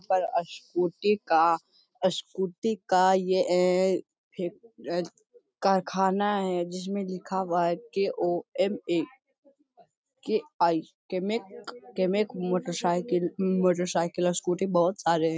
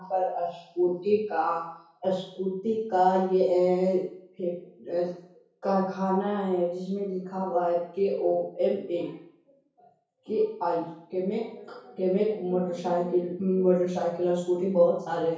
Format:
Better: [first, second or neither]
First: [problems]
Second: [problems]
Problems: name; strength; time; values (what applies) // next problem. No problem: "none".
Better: first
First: none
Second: room echo; dies away in 0.6 s